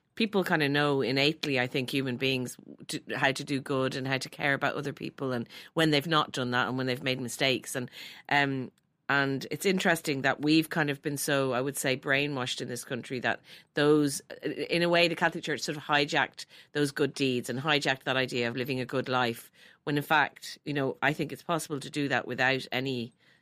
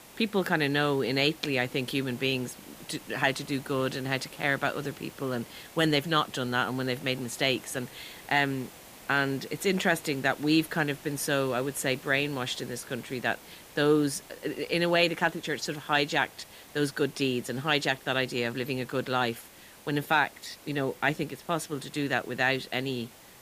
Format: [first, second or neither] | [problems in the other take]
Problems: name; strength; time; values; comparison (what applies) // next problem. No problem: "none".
first | hiss; noticeable; throughout; 20 dB below the speech